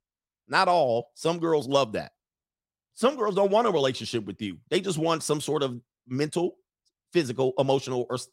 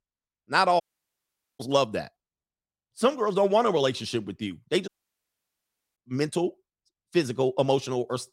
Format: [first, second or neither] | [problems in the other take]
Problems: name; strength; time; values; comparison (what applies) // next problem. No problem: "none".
first | audio cutting out; at 1 s for 1 s and at 5 s for 1 s